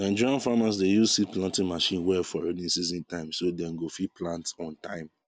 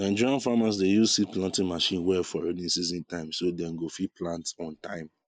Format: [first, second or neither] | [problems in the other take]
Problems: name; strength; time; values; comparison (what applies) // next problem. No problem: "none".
first | noise reduction (neural mask model Resemble Enhance denoiser)